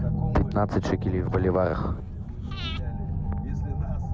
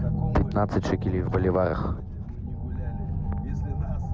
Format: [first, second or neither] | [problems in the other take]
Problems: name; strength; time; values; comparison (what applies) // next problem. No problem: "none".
second | background sound (Breathing); 18 dB below the speech